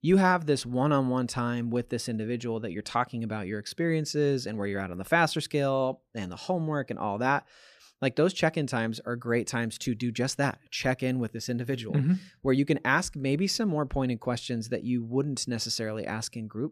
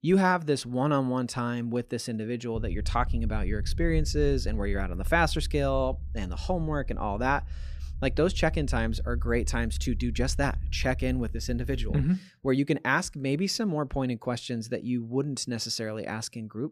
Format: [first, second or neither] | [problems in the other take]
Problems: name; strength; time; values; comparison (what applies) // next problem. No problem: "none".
first | low rumble; faint; from 2.5 to 12 s; 25 dB below the speech